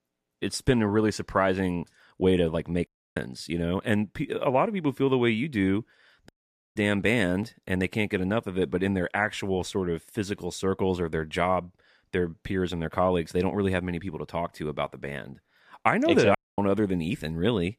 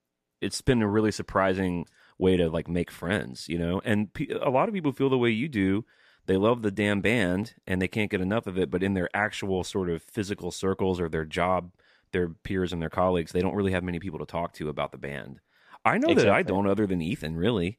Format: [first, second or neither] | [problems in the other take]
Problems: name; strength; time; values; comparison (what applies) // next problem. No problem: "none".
second | audio cutting out; at 3 s, at 6.5 s and at 16 s